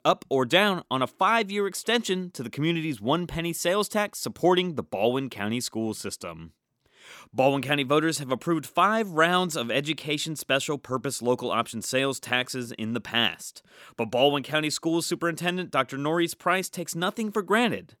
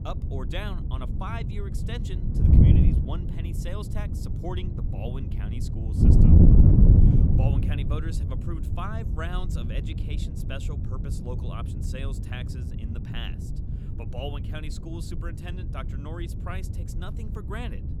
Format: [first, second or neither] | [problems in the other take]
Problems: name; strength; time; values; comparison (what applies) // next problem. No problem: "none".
first | wind noise on the microphone; heavy; 3 dB above the speech